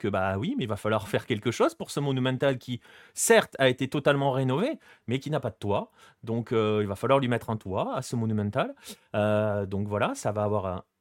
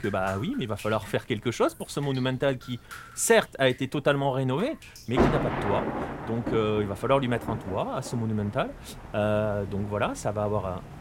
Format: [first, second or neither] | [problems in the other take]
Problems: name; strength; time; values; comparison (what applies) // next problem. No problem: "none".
first | rain or running water; loud; throughout; 7 dB below the speech